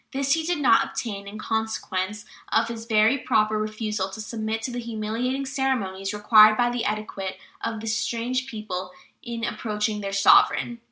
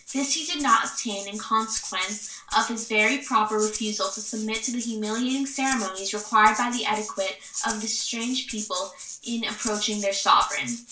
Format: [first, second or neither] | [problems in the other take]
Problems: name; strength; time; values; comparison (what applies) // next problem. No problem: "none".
first | background sound (Rattle (instrument)); 11 dB below the speech // room echo; dies away in 0.2 s